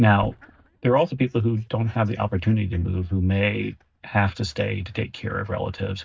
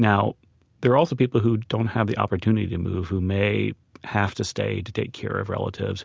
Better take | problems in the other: second | noise reduction (neural mask model DeepFilterNet 3)

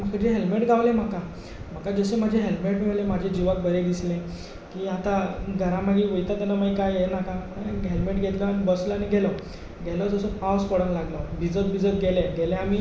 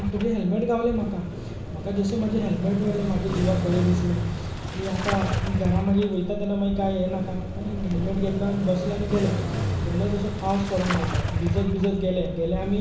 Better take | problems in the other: first | background sound (Engine starting / Motorcycle); 4 dB below the speech // room echo; dies away in 0.4 s

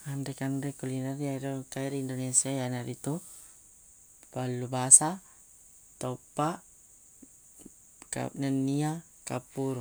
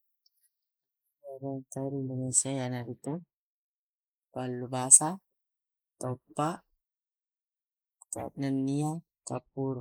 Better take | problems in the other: first | noise reduction (neural mask model Resemble Enhance denoiser)

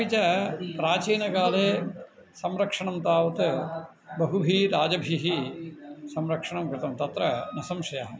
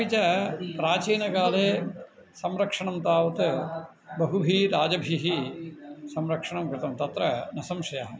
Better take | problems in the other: second | background sound (Wind instrument, woodwind instrument); 19 dB below the speech

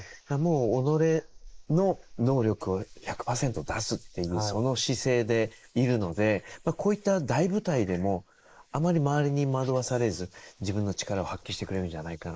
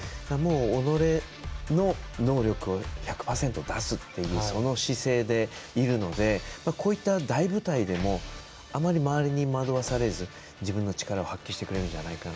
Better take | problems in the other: second | noise reduction (neural mask model Resemble Enhance denoiser)

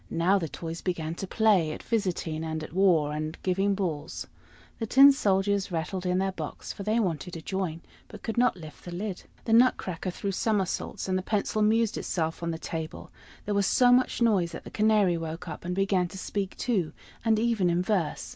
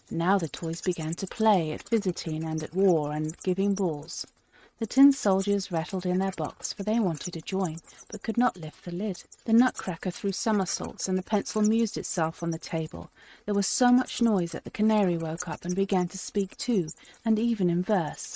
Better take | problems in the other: first | noise reduction (neural mask model RNNoise)

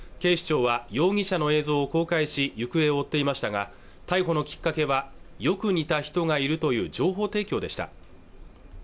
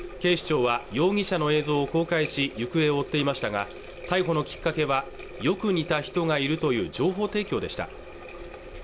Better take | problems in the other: first | background sound (Water tap, faucet); 15 dB below the speech

